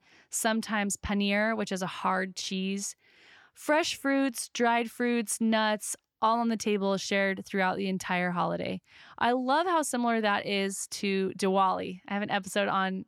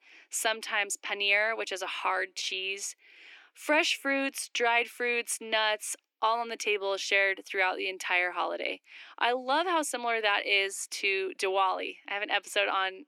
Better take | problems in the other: first | thin; somewhat; fading below 300 Hz

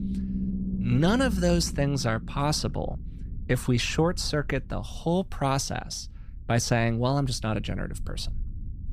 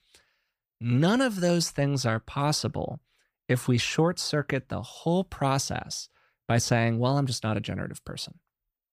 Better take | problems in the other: second | low rumble; noticeable; throughout; 15 dB below the speech

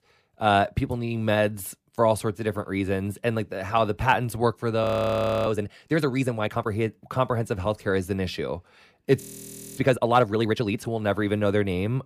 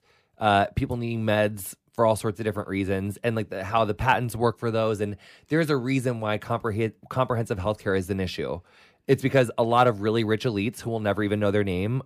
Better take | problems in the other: second | audio freezing; at 5 s for 0.5 s and at 9 s for 0.5 s

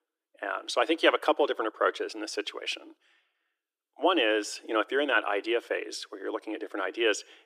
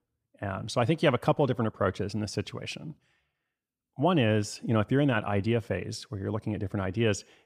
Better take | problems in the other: second | thin; very; fading below 300 Hz

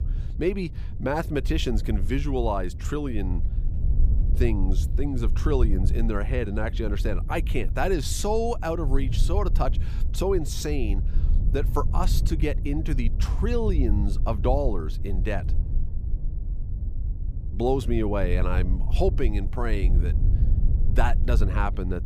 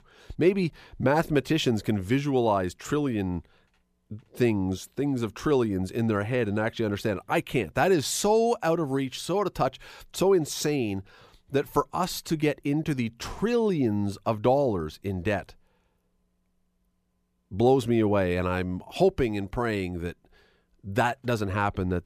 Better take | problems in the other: second | low rumble; noticeable; throughout; 15 dB below the speech

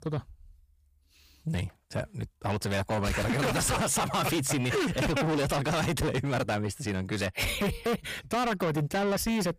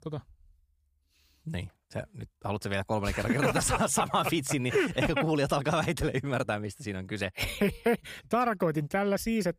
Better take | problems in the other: second | distortion; heavy; 6 dB below the speech

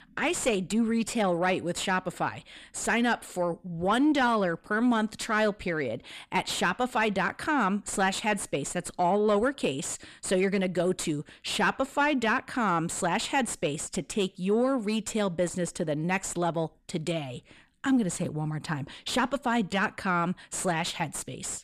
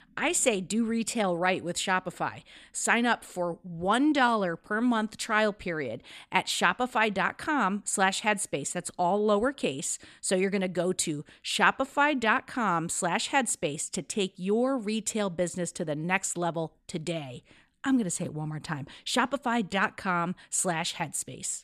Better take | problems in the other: second | distortion; slight; 10 dB below the speech

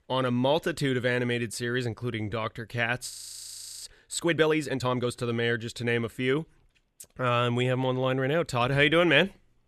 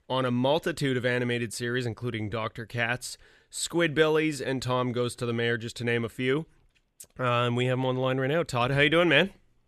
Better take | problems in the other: second | audio freezing; at 3 s for 0.5 s

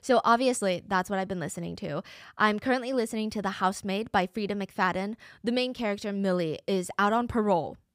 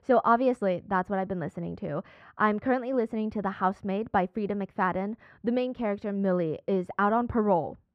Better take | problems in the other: first | muffled; very; fading above 3.5 kHz

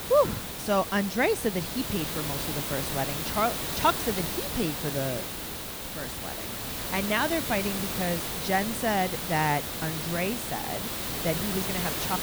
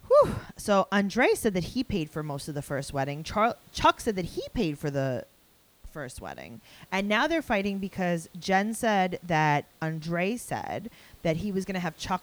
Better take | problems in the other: second | hiss; loud; throughout; 2 dB below the speech; faint in the second

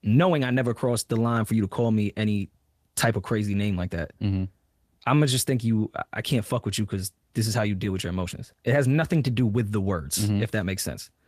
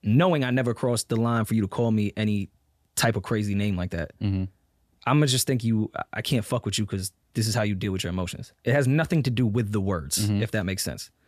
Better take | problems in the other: second | garbled, watery; slightly; nothing above 14.5 kHz

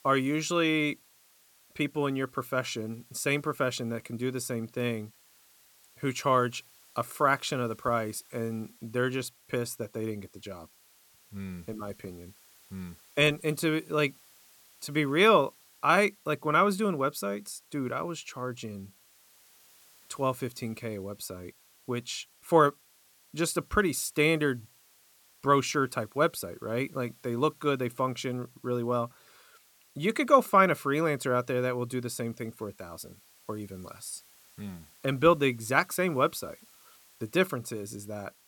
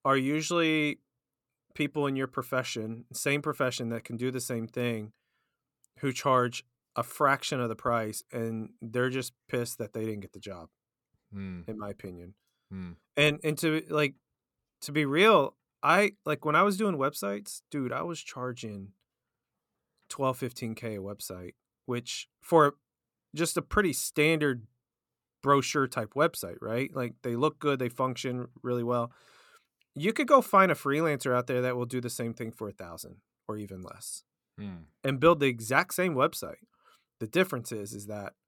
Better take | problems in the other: second | hiss; faint; throughout; 30 dB below the speech

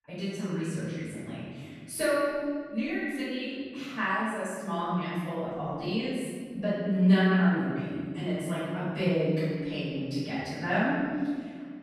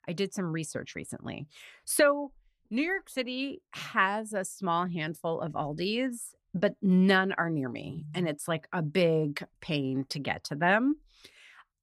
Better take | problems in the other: second | off-mic speech; far // room echo; strong; dies away in 1.8 s

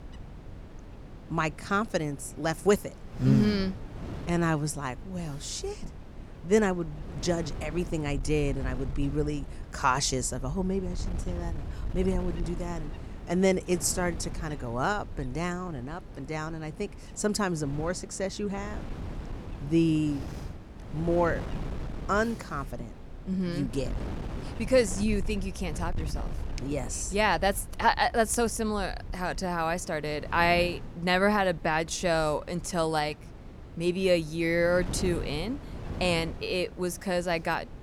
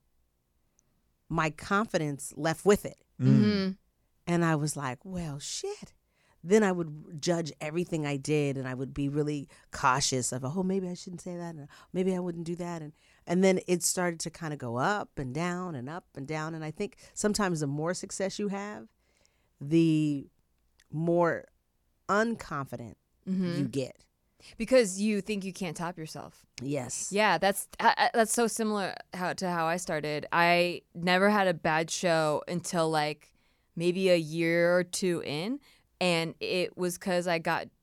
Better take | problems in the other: second | wind noise on the microphone; occasional gusts; 20 dB below the speech

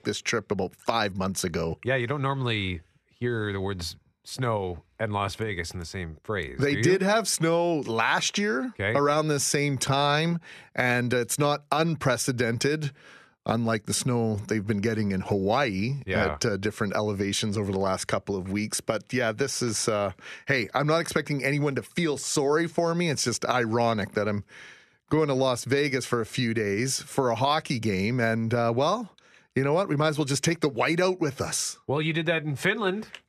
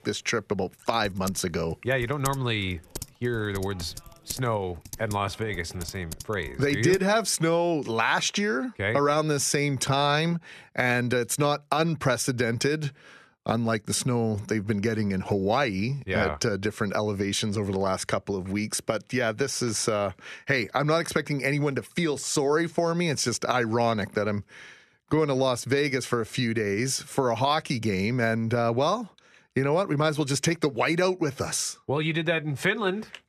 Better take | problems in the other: first | keyboard typing; faint; from 1 to 7 s; peak 10 dB below the speech

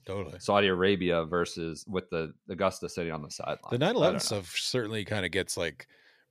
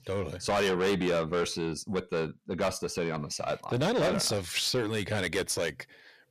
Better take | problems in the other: first | distortion; heavy; 7 dB below the speech

